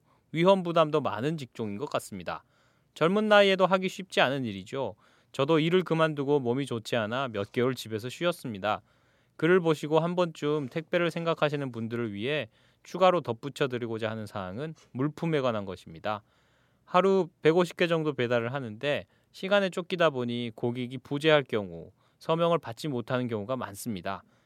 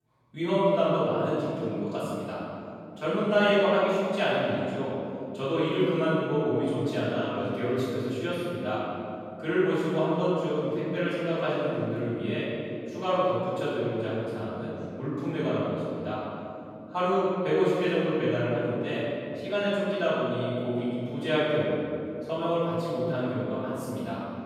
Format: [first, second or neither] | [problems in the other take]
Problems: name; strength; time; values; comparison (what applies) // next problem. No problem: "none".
first | off-mic speech; far // room echo; strong; dies away in 3 s